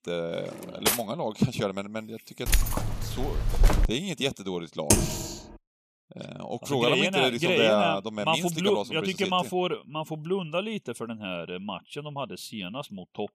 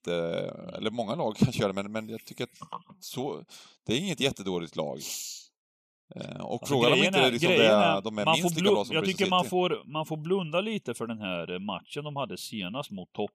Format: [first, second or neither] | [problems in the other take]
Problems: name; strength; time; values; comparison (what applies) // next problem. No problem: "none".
second | clattering dishes; loud; at 1 s; peak 2 dB above the speech // jangling keys; loud; from 2.5 to 4 s; peak 3 dB above the speech // keyboard typing; loud; at 5 s; peak 5 dB above the speech